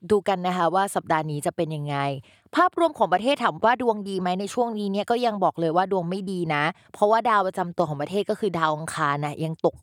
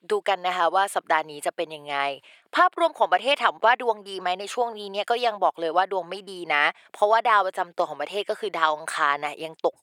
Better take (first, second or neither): first